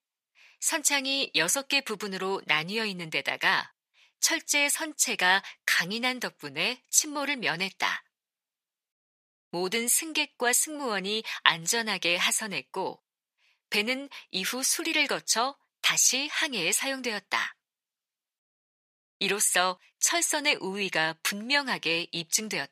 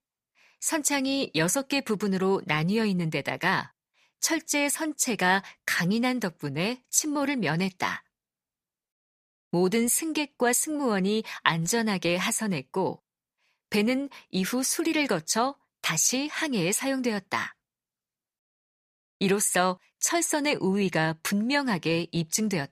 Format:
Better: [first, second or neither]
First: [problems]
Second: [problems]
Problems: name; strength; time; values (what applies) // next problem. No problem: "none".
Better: second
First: thin; somewhat; fading below 750 Hz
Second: none